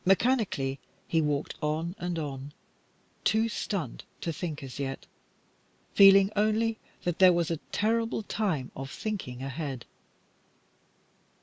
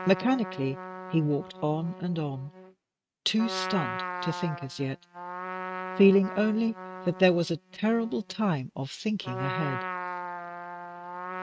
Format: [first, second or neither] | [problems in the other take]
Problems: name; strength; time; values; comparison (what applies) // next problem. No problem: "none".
first | noise reduction (neural mask model RNNoise)